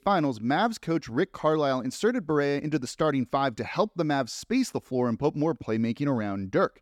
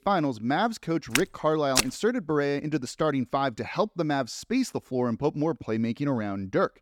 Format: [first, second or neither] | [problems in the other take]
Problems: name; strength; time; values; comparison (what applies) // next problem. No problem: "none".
first | footsteps; loud; at 1 s; peak 2 dB above the speech